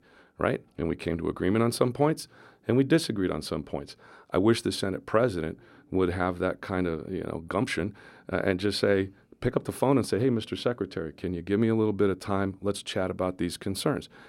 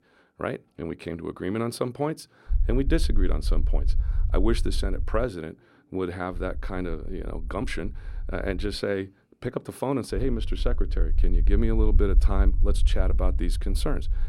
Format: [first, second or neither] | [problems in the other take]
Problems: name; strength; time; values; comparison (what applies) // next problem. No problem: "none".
first | low rumble; noticeable; from 2.5 to 5 s, from 6.5 to 9 s and from 10 s on; 20 dB below the speech